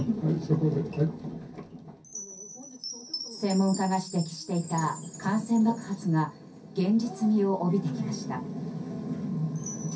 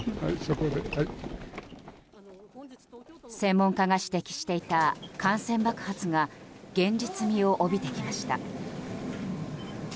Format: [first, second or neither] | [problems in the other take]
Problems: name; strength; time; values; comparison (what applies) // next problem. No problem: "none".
second | background sound (Chime); 17 dB below the speech // room echo; dies away in 0.3 s